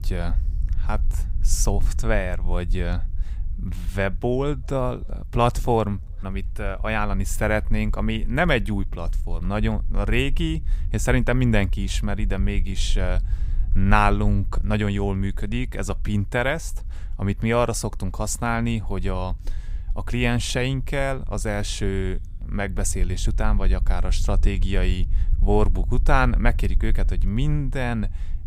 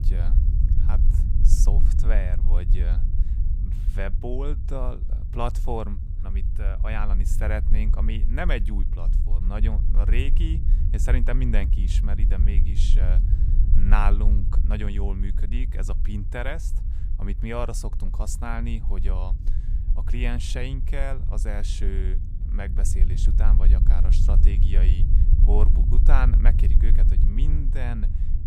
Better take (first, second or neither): first